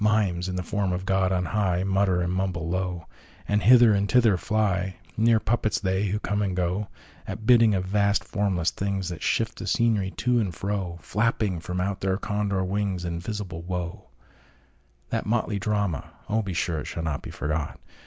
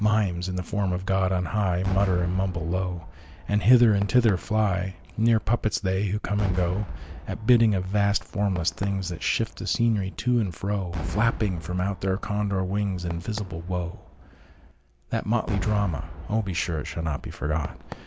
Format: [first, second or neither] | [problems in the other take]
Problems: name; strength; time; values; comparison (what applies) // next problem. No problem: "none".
first | background sound (Cheering / Fireworks); 13 dB below the speech